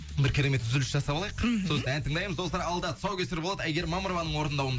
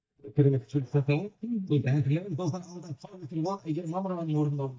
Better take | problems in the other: first | noise reduction (neural mask model DeepFilterNet 3)

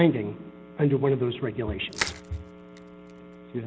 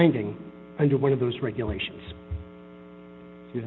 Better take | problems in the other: second | background sound (Crushing); 9 dB below the speech

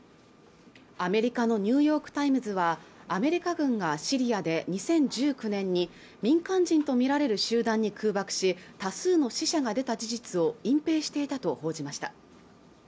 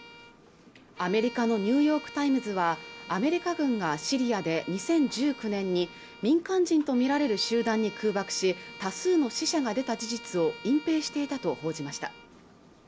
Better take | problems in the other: first | background sound (Bowed string instrument); 18 dB below the speech

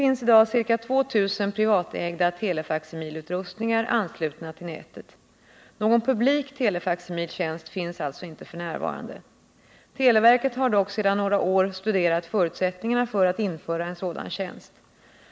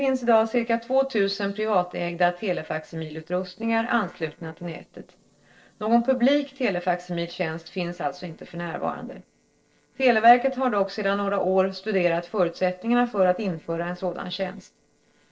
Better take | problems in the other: first | noise reduction (neural separator model SepFormer DNS4)

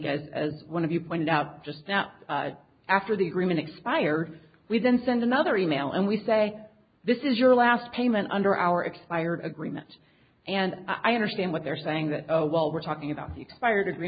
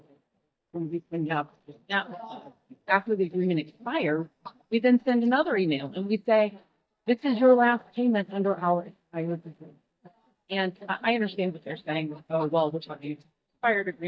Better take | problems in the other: first | noise reduction (neural mask model DeepFilterNet 3)

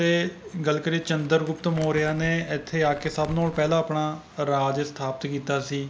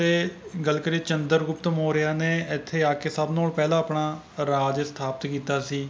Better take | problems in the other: second | background sound (Crumpling, crinkling); 19 dB below the speech

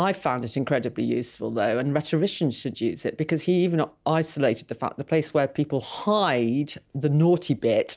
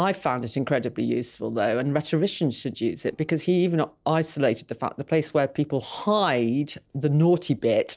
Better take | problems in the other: first | noise reduction (neural separator model SepFormer DNS4)

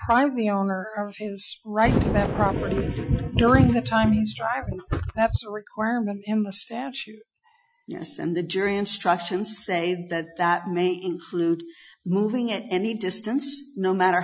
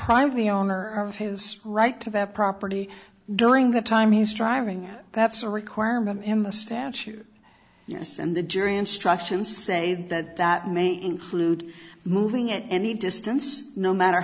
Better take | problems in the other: second | noise reduction (classical method Wiener filter)

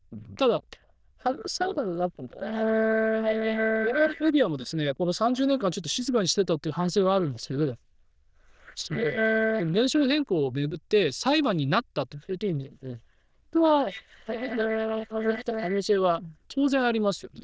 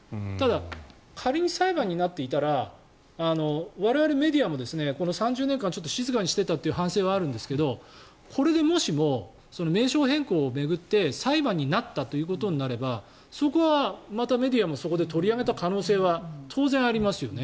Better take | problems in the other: second | noise reduction (neural diffusion model UNIVERSE++)

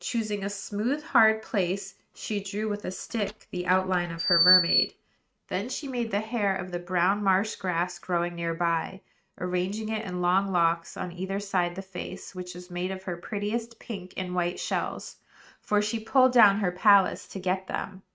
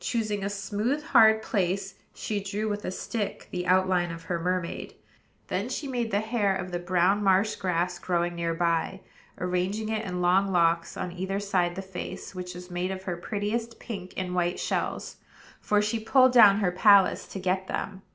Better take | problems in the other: second | noise reduction (neural mask model RNNoise)

